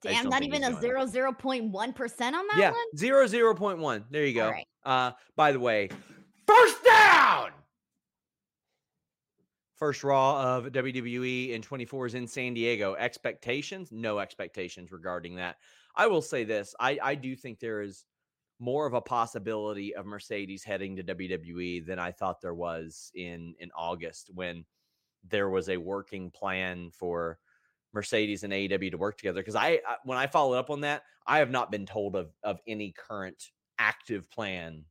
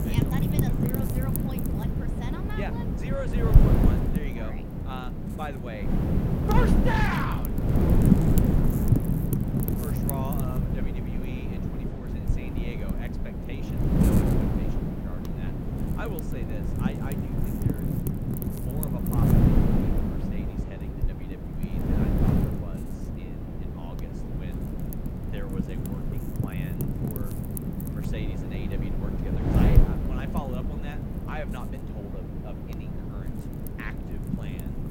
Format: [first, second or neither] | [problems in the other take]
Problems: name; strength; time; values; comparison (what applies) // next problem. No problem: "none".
first | wind noise on the microphone; heavy; 3 dB above the speech